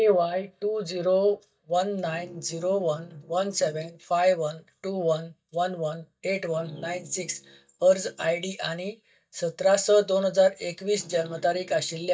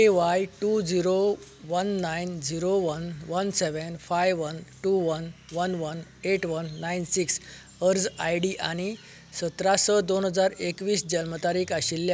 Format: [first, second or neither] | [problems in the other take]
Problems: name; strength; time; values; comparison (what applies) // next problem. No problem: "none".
second | noise reduction (neural mask model DeepFilterNet 3)